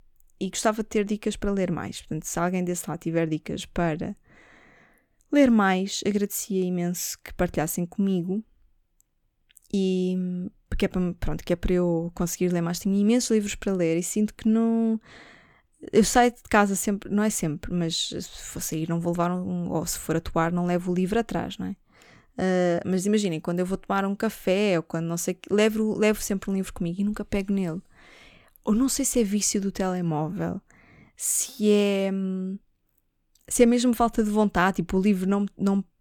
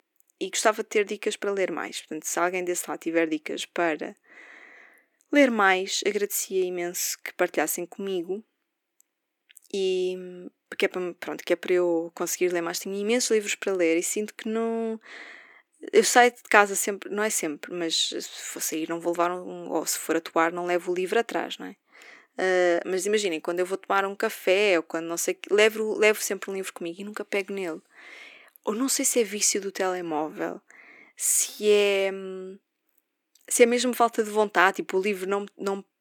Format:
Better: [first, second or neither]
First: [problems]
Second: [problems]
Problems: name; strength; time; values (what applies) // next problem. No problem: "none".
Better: first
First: none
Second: thin; somewhat; fading below 300 Hz